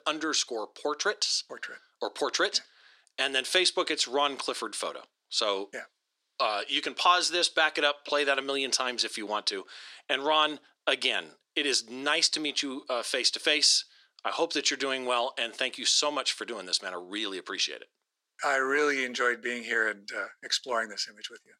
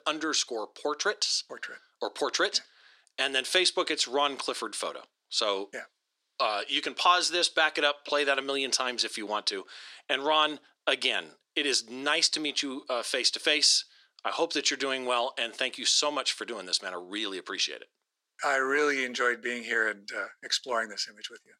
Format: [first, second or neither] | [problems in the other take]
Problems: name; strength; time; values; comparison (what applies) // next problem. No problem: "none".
neither | thin; somewhat; fading below 350 Hz; the same in both